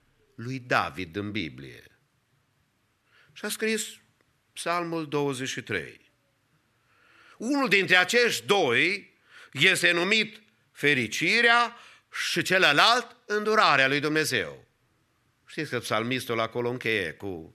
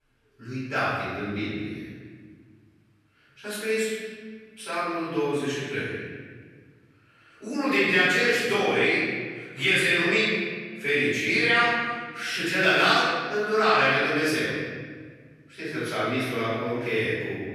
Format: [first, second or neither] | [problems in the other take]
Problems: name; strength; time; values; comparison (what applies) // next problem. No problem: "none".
first | off-mic speech; far // room echo; strong; dies away in 1.6 s